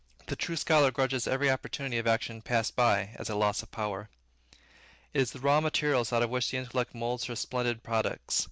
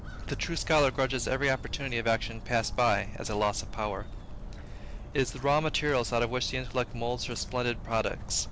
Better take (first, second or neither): first